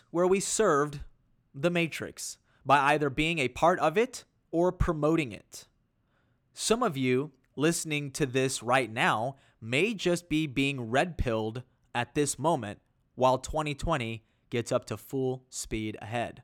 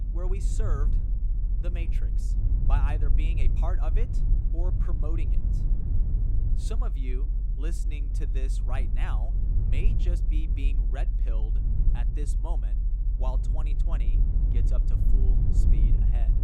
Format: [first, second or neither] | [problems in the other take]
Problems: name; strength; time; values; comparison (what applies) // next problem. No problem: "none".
first | low rumble; loud; throughout; 4 dB below the speech